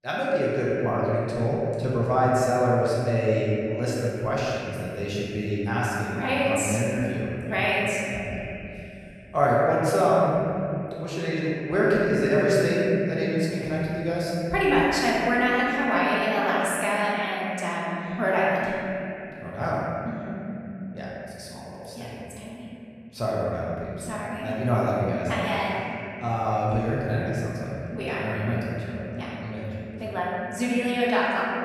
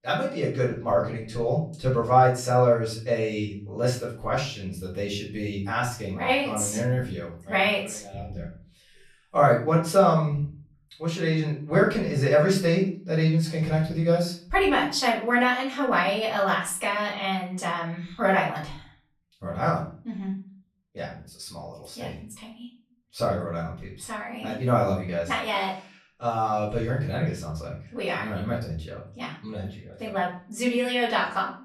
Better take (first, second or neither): second